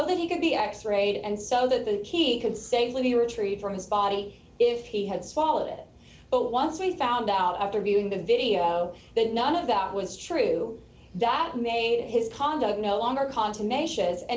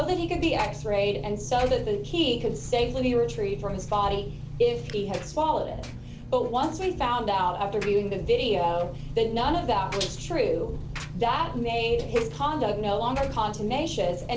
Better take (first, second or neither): first